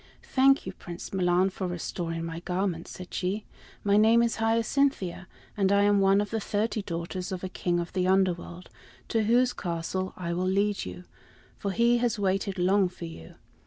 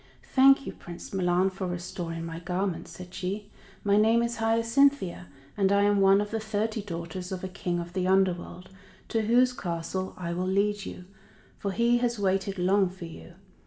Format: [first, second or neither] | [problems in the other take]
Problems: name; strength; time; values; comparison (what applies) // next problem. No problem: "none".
first | room echo; dies away in 1.8 s